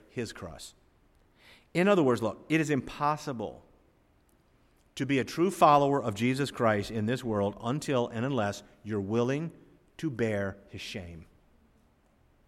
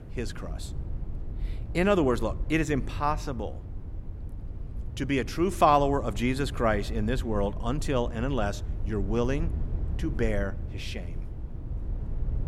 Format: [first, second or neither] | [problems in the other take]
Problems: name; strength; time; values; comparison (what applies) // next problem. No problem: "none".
first | low rumble; faint; throughout; 20 dB below the speech